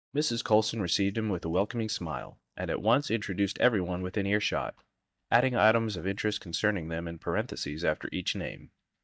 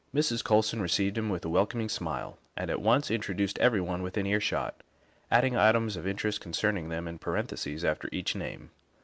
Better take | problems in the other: second | noise reduction (neural mask model DeepFilterNet 3)

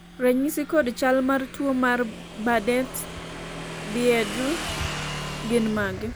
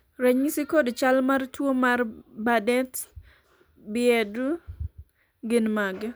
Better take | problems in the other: second | background sound (Motorcycle / Engine); 10 dB below the speech

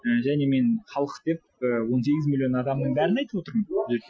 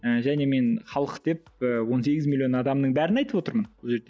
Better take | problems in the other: second | noise reduction (classical method Wiener filter)

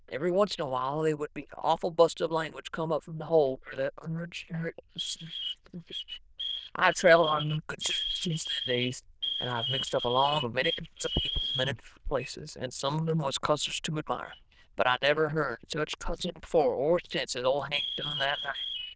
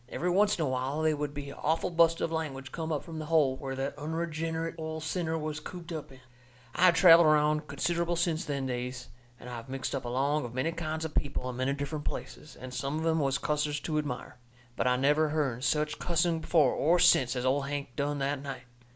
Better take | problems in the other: second | noise reduction (neural diffusion model UNIVERSE++)

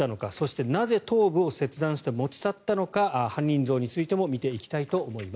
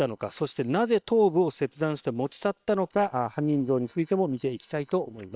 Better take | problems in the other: first | noise reduction (neural separator model SepFormer WHAM!)

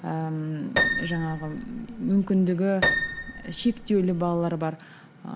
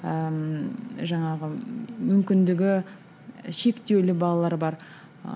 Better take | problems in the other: second | background sound (Piano); 3 dB below the speech

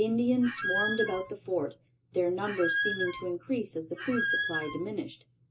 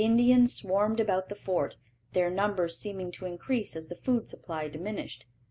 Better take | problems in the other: second | background sound (Squeak); 1 dB below the speech // room echo; dies away in 0.2 s

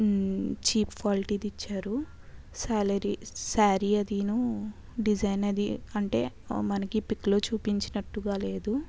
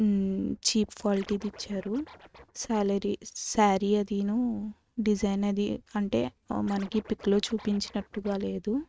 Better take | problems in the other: first | noise reduction (neural mask model RNNoise)

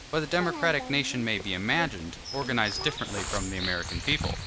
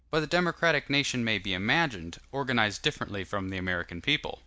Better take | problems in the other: second | background sound (Bird vocalization, bird call, bird song); 7 dB below the speech

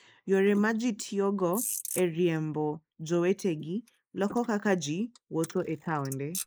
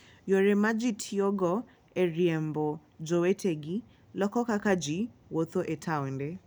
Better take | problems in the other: second | noise reduction (neural mask model Resemble Enhance denoiser)

